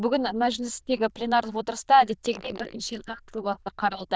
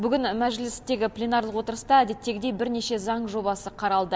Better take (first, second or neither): second